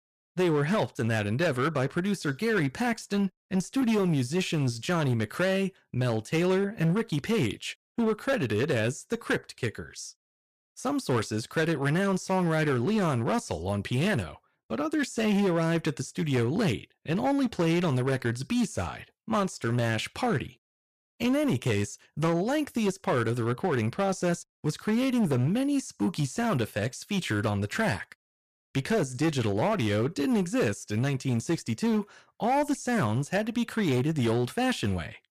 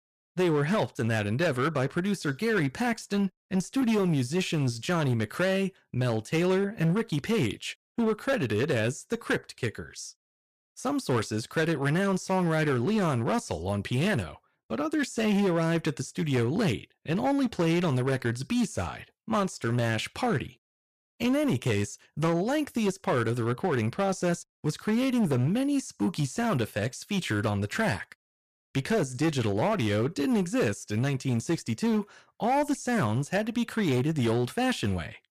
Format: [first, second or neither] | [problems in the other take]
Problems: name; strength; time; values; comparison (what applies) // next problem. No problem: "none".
neither | distortion; slight; 10% of the sound clipped; the same in both